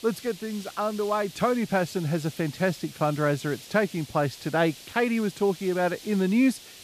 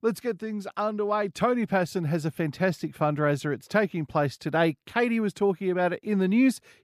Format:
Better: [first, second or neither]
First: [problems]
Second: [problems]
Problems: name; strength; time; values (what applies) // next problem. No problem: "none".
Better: second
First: hiss; noticeable; throughout; 15 dB below the speech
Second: none